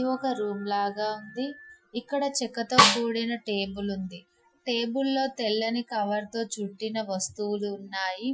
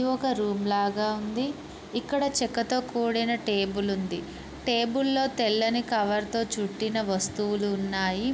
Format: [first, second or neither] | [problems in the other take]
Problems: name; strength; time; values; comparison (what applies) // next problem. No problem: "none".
second | noise reduction (classical method Wiener filter)